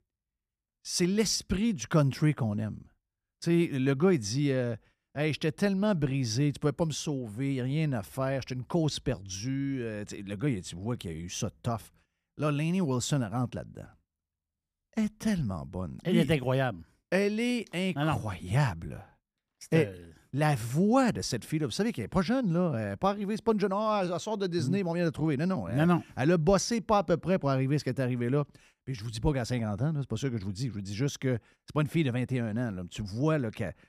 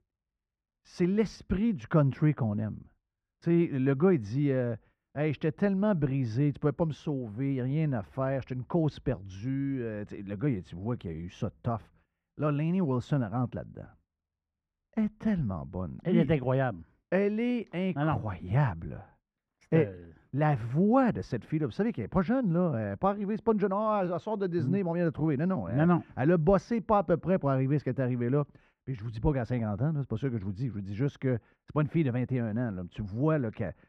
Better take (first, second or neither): first